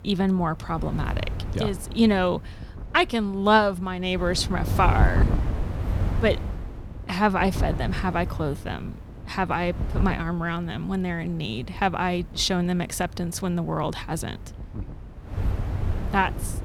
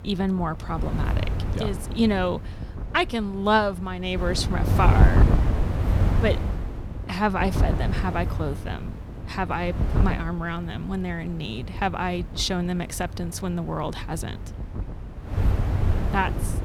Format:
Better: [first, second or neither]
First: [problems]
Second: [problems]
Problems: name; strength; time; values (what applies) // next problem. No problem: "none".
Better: first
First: wind noise on the microphone; occasional gusts; 15 dB below the speech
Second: wind noise on the microphone; heavy; 8 dB below the speech